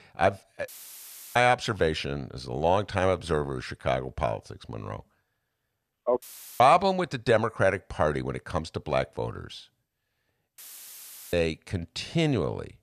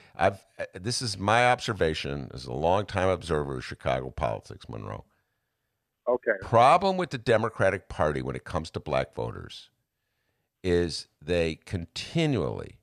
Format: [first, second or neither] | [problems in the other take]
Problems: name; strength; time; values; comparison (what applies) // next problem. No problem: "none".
second | audio cutting out; filled with static; at 0.5 s for 0.5 s, at 6 s and at 11 s for 1 s